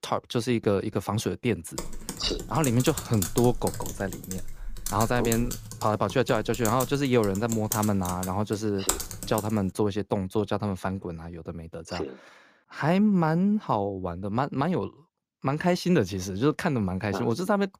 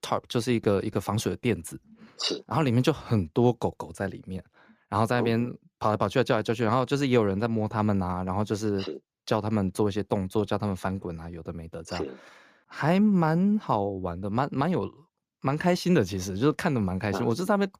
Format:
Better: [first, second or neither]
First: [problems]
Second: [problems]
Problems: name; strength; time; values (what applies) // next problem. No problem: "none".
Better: second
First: keyboard typing; noticeable; from 2 to 9.5 s; peak 1 dB below the speech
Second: none